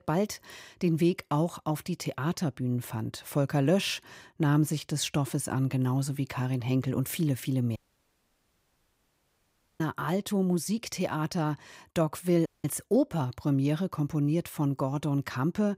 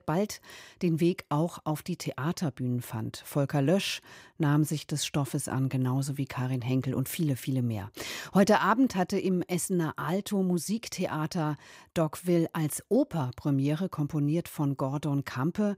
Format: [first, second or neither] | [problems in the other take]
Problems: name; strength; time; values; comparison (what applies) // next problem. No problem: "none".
second | audio cutting out; at 8 s for 2 s and at 12 s